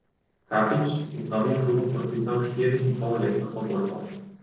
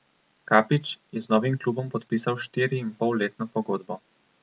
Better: second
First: noise reduction (neural separator model SepFormer DNS4)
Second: none

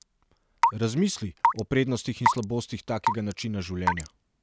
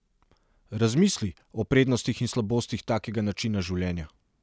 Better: second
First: background sound (Raindrop / Drip / Water tap, faucet); as loud as the speech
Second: none

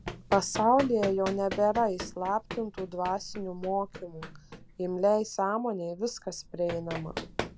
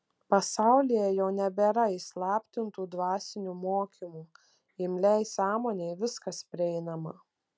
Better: second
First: background sound (Run); 11 dB below the speech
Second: none

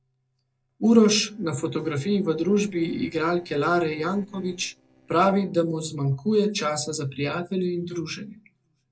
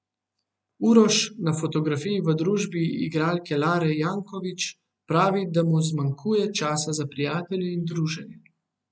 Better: second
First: noise reduction (neural separator model SepFormer DNS4)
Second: none

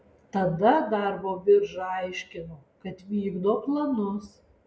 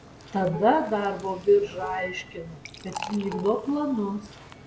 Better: first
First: none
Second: background sound (Dishes, pots, and pans + Liquid); 14 dB below the speech

